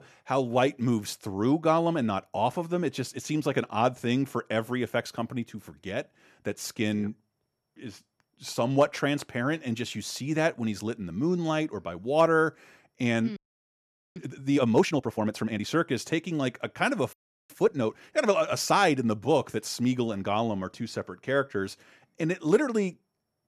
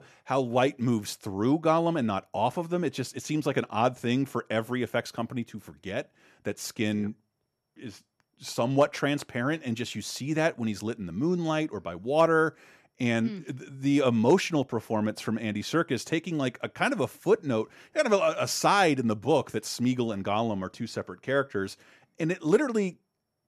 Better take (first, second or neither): second